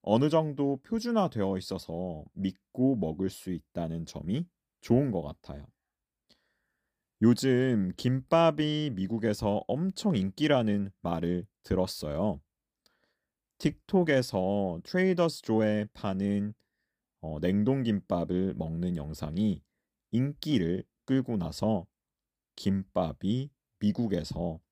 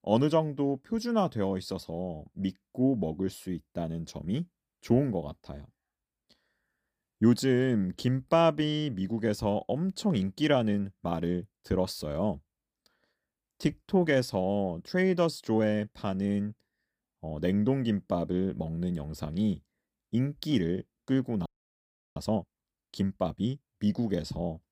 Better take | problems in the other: first | audio freezing; at 21 s for 0.5 s

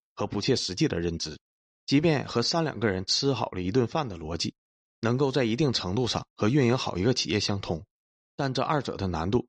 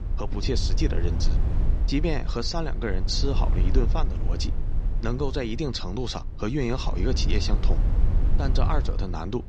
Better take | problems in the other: first | low rumble; noticeable; throughout; 10 dB below the speech

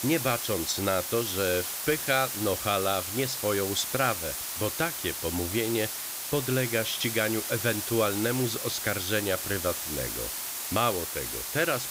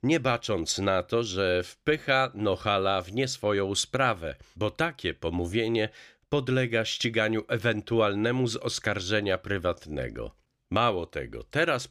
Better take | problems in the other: second | hiss; loud; throughout; 3 dB below the speech

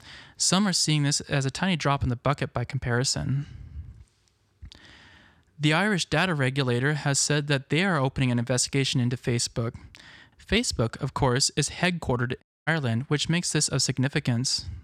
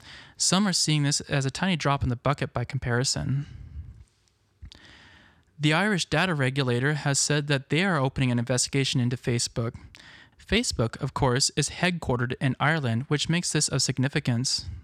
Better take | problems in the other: second | audio cutting out; at 12 s

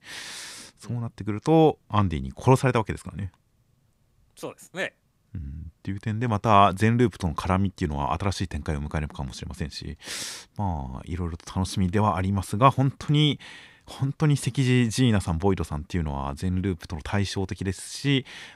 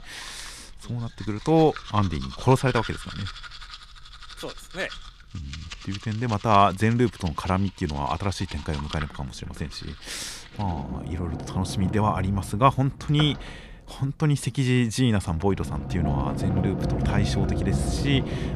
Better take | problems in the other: first | household noises; loud; throughout; 7 dB below the speech

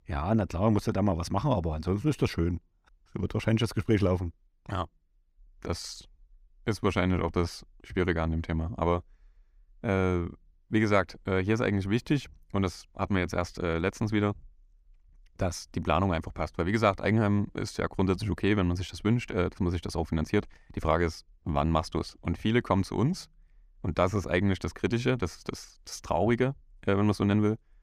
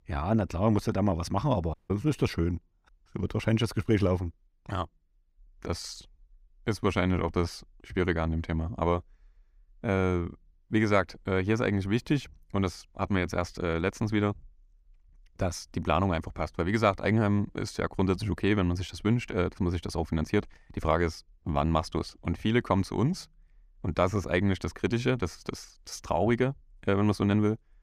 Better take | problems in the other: first | audio cutting out; at 1.5 s

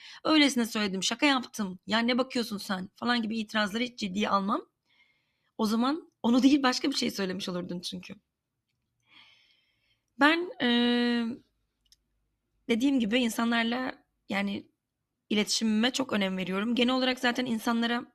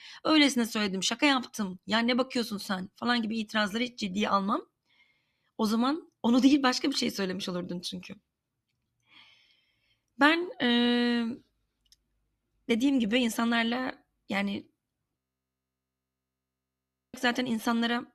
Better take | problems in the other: first | audio freezing; at 15 s for 2 s

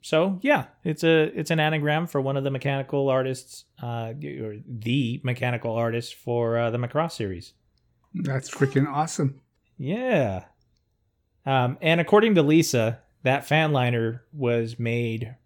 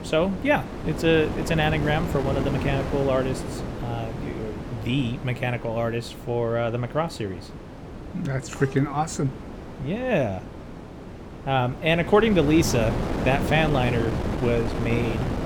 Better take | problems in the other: first | wind noise on the microphone; heavy; 9 dB below the speech

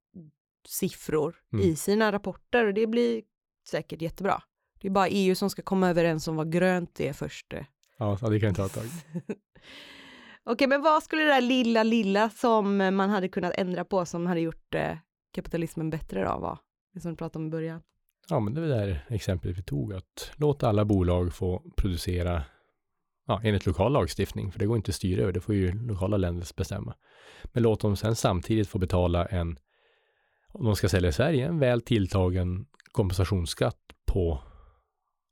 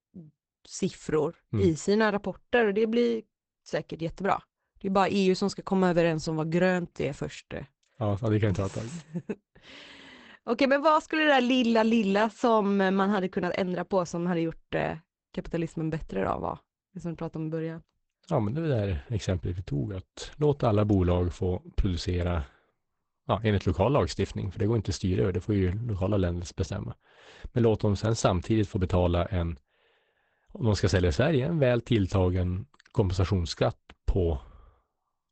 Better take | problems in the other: first | garbled, watery; badly; nothing above 8 kHz

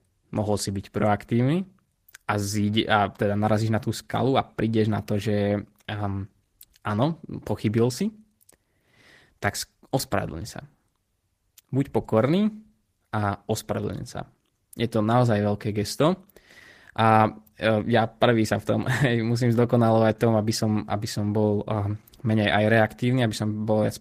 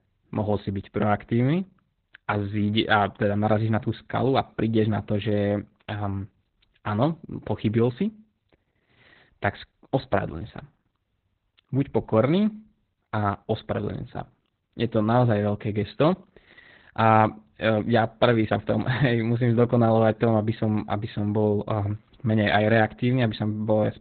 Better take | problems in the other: first | garbled, watery; badly; nothing above 4 kHz; slightly in the first

